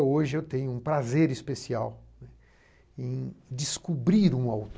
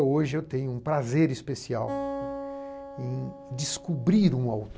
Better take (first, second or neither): first